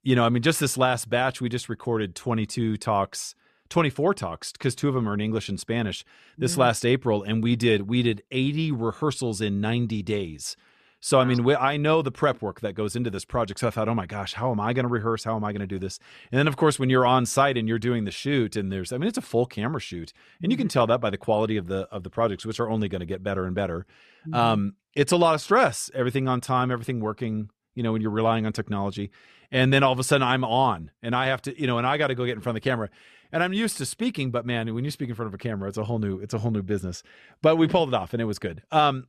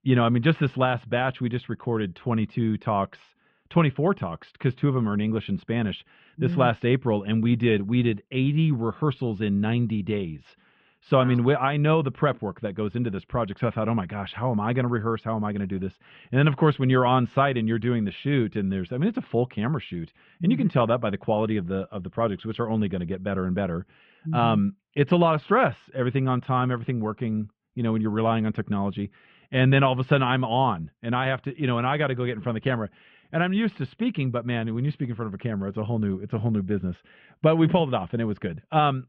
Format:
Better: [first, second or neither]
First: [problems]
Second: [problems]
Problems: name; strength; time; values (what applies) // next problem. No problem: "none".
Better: first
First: none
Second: muffled; very; fading above 3 kHz